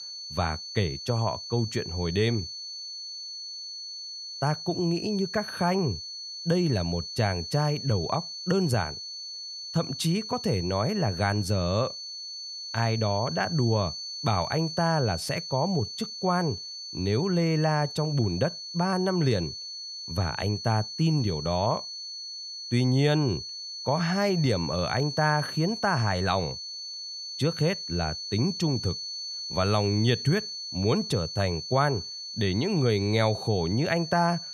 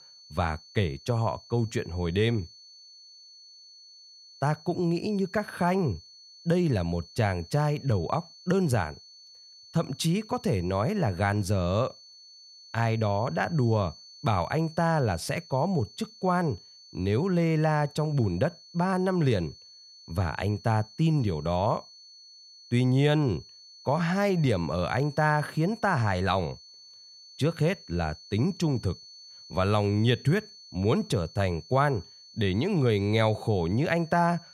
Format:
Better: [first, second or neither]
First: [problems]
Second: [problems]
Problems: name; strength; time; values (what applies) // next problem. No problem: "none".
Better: second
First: high-pitched whine; loud; throughout; 4.5 kHz, 7 dB below the speech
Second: high-pitched whine; faint; throughout; 4.5 kHz, 20 dB below the speech